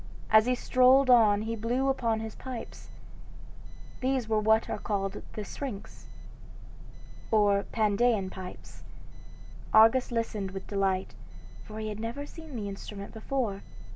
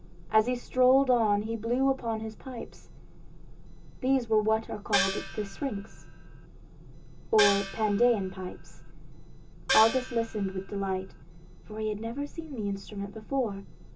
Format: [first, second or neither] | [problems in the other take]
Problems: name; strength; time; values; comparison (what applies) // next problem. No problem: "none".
first | background sound (Gong); 6 dB below the speech // room echo; dies away in 0.2 s